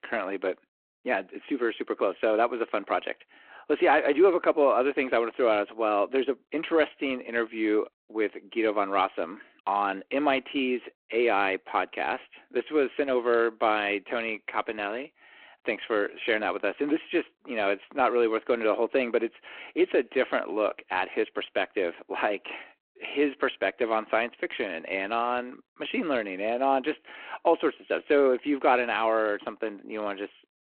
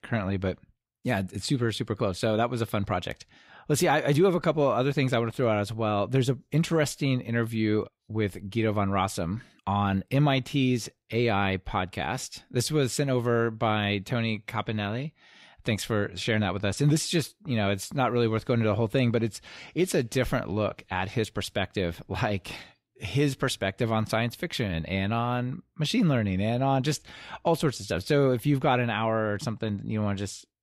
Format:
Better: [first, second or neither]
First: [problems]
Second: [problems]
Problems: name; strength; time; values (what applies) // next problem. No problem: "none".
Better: second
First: phone-call audio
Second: none